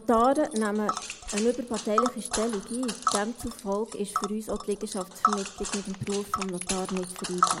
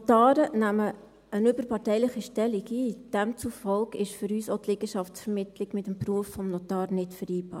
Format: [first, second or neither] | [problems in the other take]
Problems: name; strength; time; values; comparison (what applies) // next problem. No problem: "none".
second | background sound (Tick); 4 dB below the speech